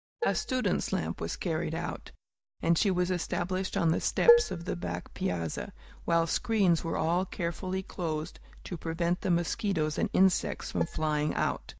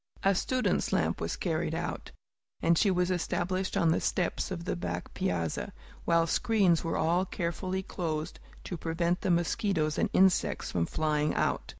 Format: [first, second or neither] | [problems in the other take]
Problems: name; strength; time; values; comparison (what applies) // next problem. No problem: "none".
second | noise reduction (neural mask model DeepFilterNet 3)